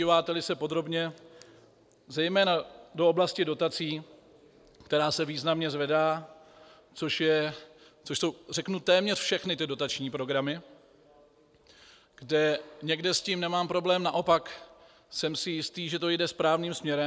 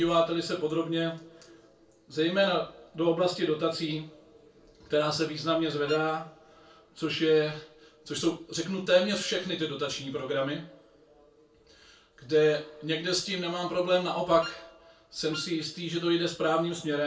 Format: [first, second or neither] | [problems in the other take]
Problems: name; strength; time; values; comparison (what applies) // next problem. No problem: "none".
first | background sound (Wind instrument, woodwind instrument); 15 dB below the speech // room echo; dies away in 0.3 s